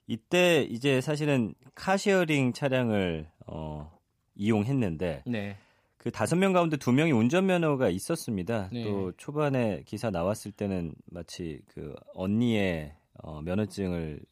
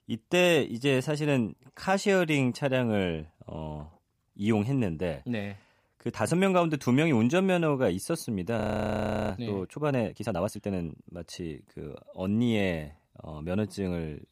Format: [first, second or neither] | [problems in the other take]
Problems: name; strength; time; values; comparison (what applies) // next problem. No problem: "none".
first | audio freezing; at 8.5 s for 0.5 s